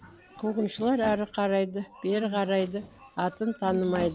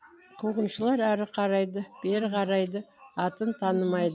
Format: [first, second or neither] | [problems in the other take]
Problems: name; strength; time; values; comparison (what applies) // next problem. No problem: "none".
second | background sound (Drawer open or close); 18 dB below the speech